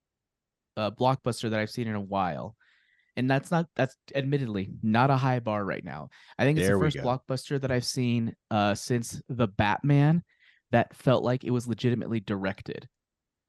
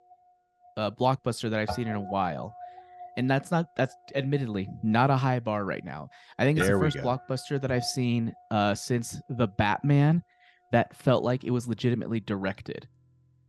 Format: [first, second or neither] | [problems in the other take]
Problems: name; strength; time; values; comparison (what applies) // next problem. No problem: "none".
first | background music; noticeable; throughout; 15 dB below the speech